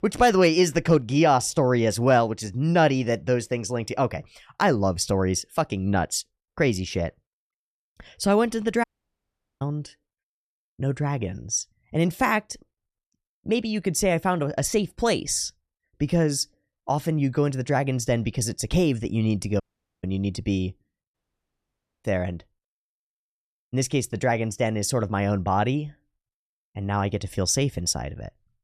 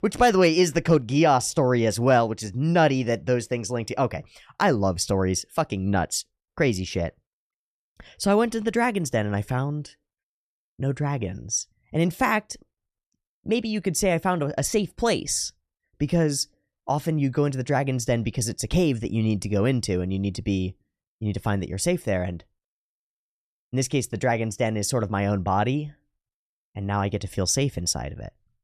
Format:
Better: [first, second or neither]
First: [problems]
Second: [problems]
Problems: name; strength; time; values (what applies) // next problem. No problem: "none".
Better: second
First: audio cutting out; at 9 s for 1 s, at 20 s and at 21 s for 1 s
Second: none